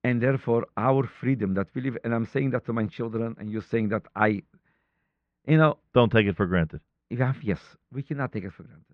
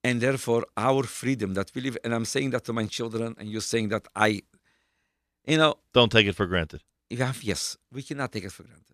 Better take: second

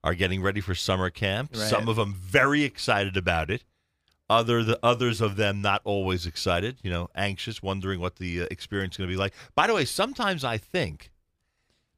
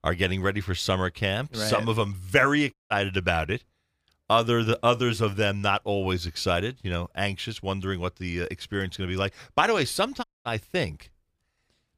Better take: first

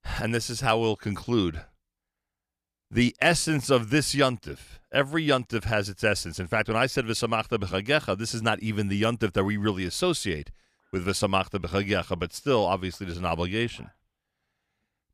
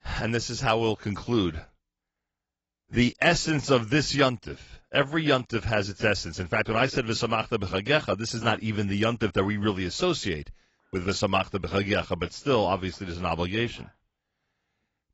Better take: first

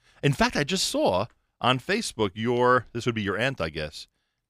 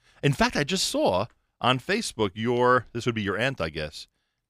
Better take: neither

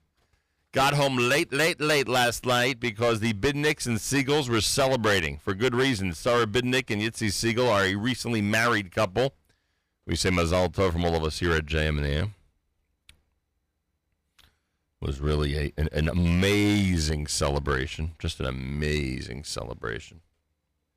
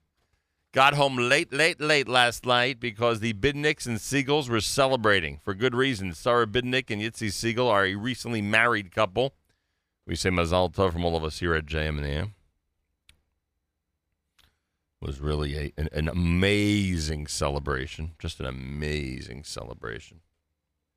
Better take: second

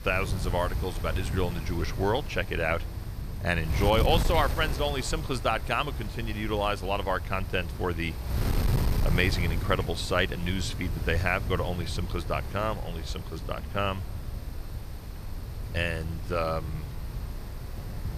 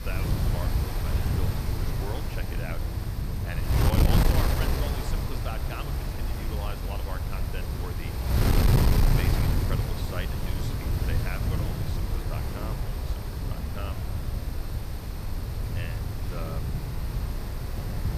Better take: first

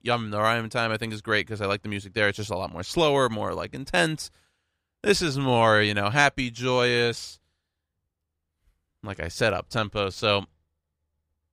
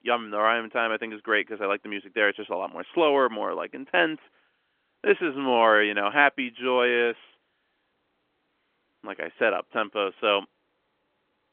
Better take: first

